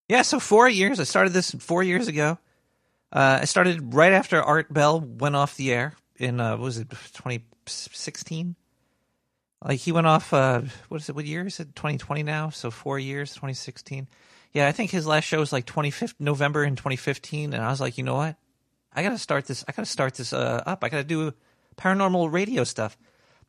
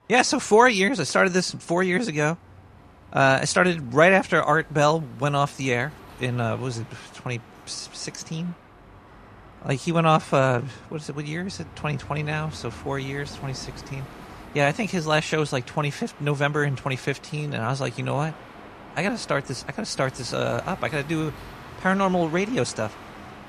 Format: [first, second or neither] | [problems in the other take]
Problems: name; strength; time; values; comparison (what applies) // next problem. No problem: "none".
first | animal sounds; faint; throughout; 20 dB below the speech